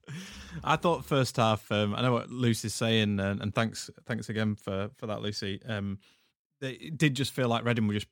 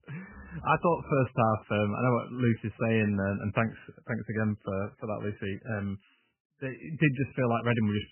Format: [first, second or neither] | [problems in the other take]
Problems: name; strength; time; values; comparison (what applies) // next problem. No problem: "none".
first | garbled, watery; badly; nothing above 3 kHz